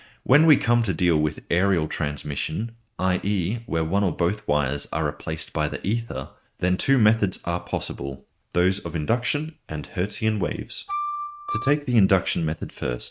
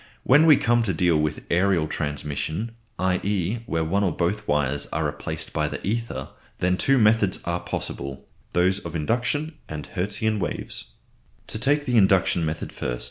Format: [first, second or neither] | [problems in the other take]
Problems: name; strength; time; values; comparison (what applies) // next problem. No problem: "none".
second | noise reduction (neural mask model RNNoise)